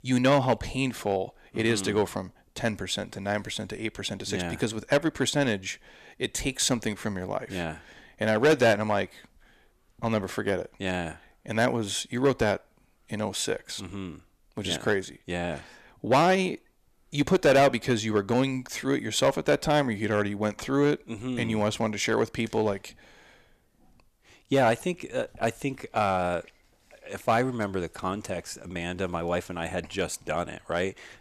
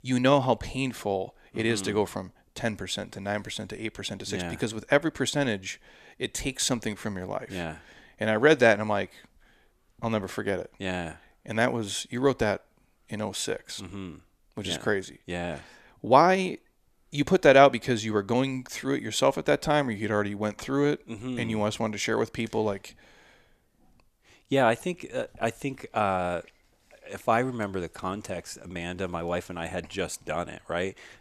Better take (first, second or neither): second